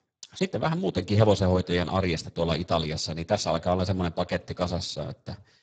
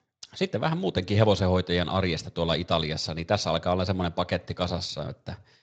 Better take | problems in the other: second | garbled, watery; badly; nothing above 7.5 kHz; slightly in the second

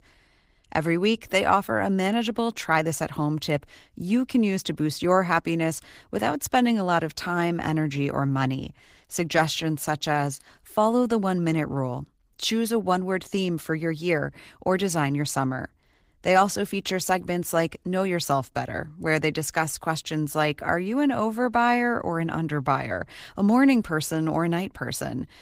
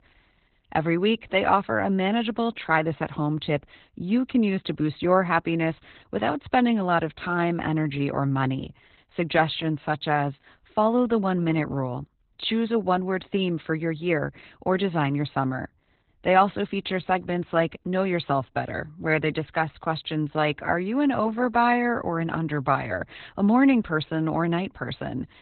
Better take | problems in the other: first | garbled, watery; badly; nothing above 4 kHz; slightly in the first

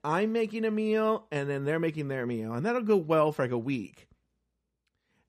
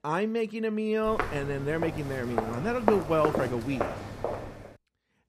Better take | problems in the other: first | footsteps; loud; from 1 to 4.5 s; peak 1 dB above the speech

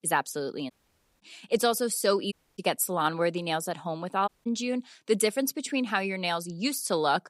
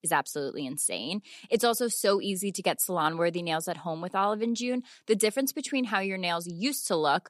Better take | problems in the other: second | audio cutting out; at 0.5 s for 0.5 s, at 2.5 s and at 4.5 s

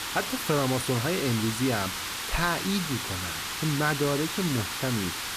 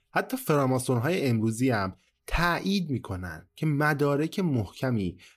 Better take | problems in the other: second | hiss; loud; throughout; 2 dB below the speech

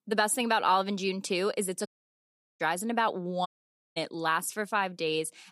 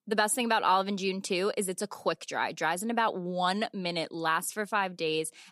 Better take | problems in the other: second | audio cutting out; at 2 s for 0.5 s and at 3.5 s for 0.5 s

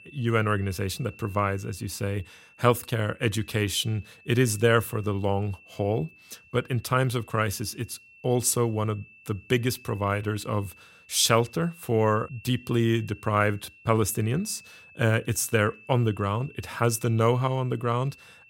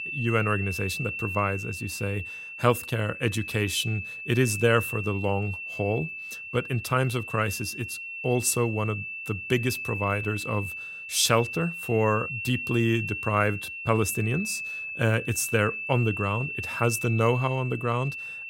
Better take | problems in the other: first | high-pitched whine; loud; throughout; 2.5 kHz, 6 dB below the speech; faint in the first

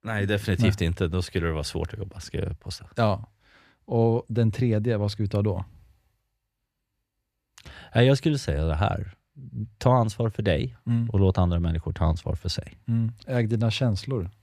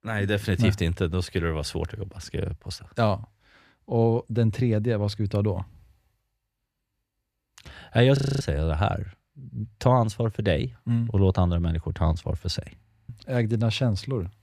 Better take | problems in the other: first | audio freezing; at 8 s and at 13 s

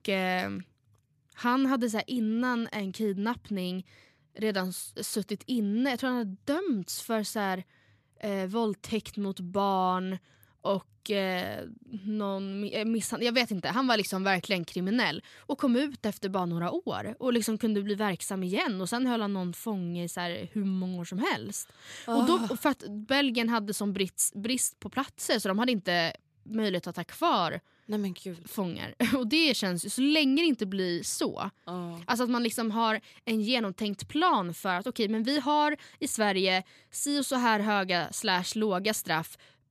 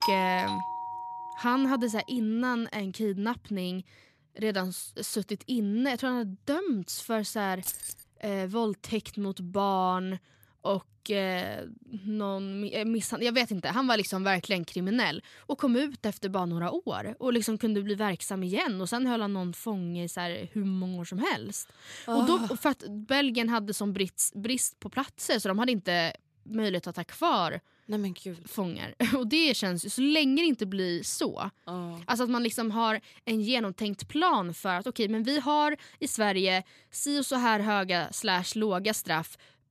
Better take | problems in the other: first | doorbell; loud; until 1.5 s; peak 1 dB above the speech // jangling keys; noticeable; at 7.5 s; peak 4 dB below the speech

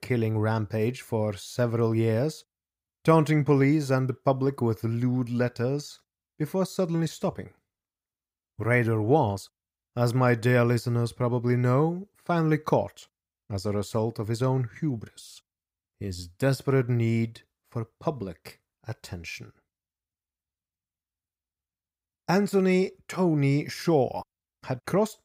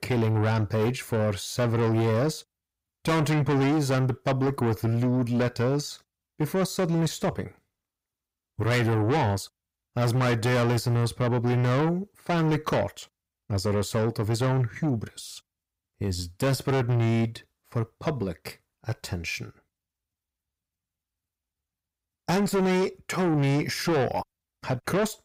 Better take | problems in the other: first | distortion; heavy; 7 dB below the speech

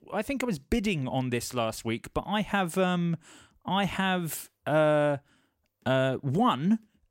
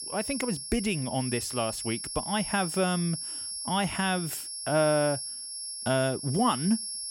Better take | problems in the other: first | high-pitched whine; loud; throughout; 10.5 kHz, 5 dB below the speech

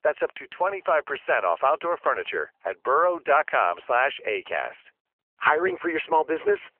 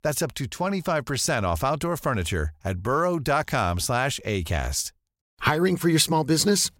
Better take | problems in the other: second | phone-call audio; nothing above 3 kHz

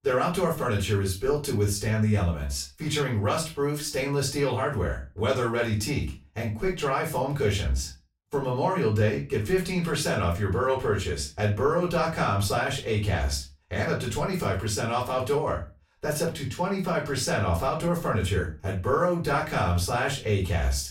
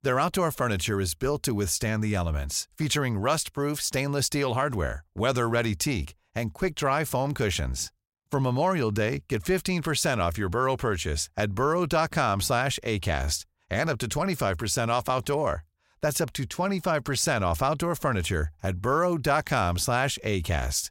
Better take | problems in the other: second | off-mic speech; far // room echo; slight; dies away in 0.3 s

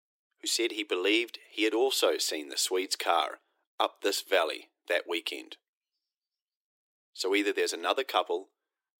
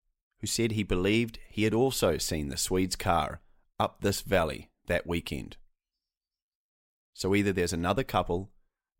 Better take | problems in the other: second | thin; very; fading below 300 Hz

